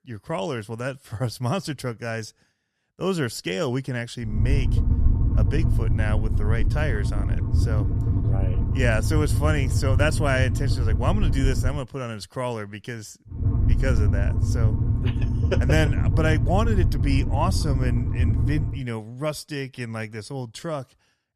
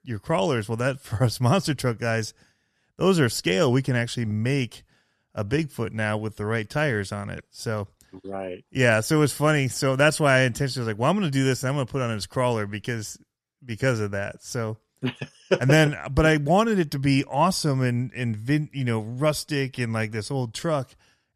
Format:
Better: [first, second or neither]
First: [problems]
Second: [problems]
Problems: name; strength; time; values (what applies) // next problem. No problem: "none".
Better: second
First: low rumble; loud; from 4.5 to 12 s and from 13 to 19 s; 7 dB below the speech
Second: none